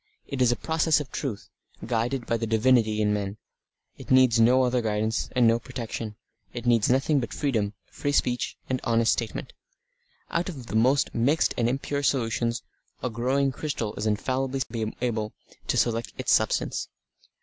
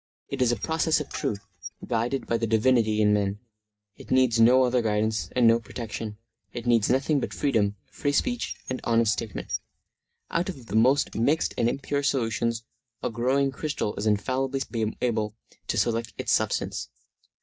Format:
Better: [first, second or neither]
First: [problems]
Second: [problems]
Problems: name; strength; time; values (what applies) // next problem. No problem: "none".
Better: first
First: none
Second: noise reduction (neural mask model DeepFilterNet 3)